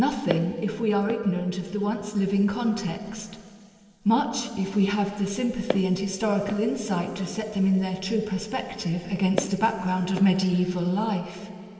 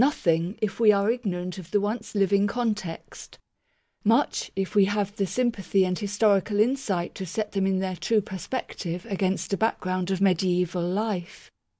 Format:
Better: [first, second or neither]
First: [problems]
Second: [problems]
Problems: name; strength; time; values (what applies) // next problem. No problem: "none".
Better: second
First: background sound (Walk, footsteps); 13 dB below the speech // room echo; dies away in 2.9 s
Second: none